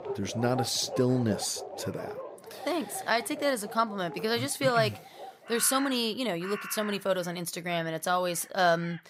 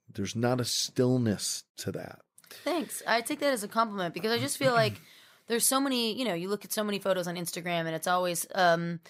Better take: second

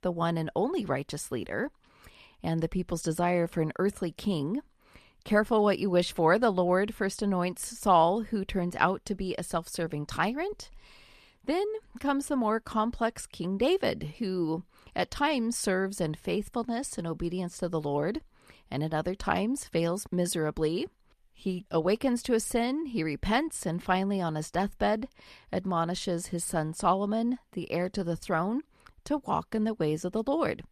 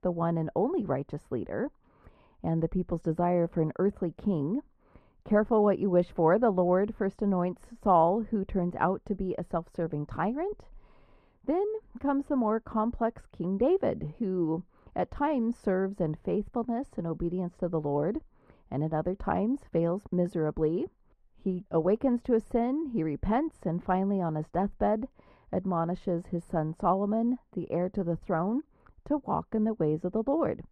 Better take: first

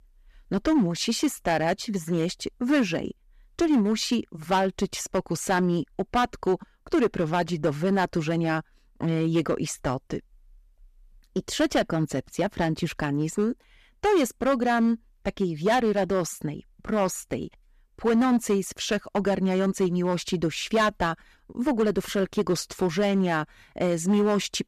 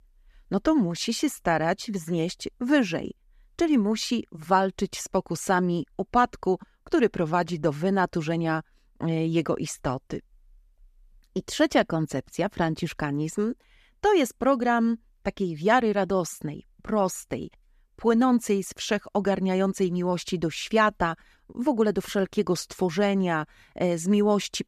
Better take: second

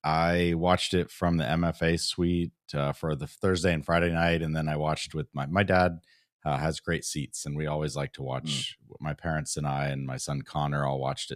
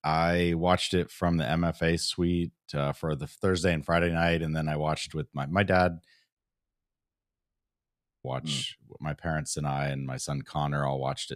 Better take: first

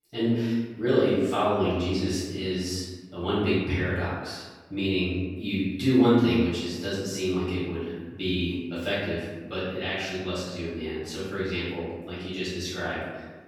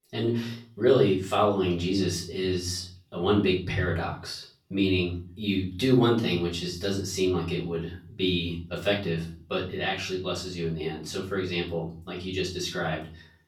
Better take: second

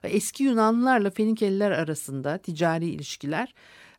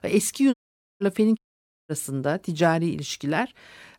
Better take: first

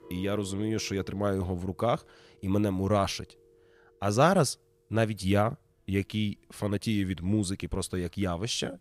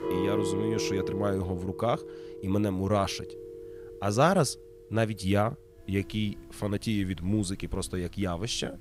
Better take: first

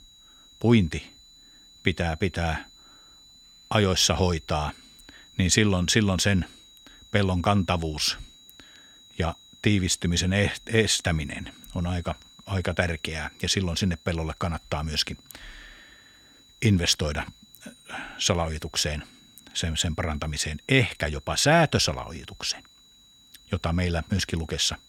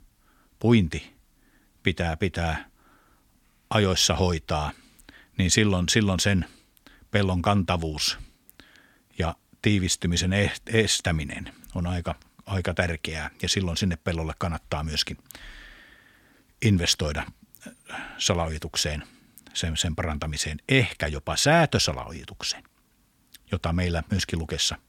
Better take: second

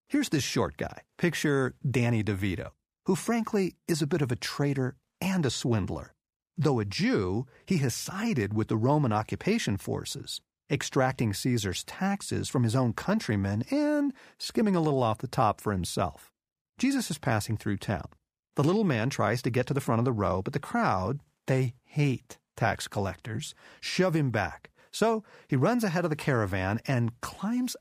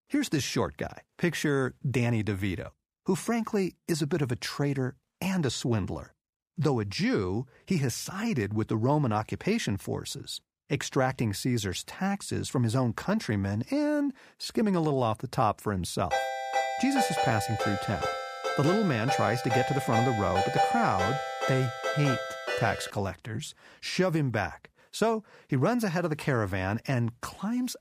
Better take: first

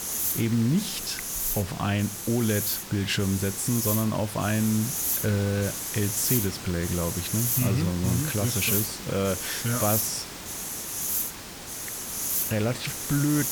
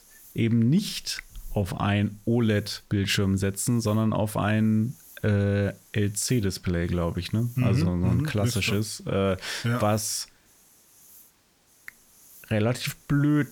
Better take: second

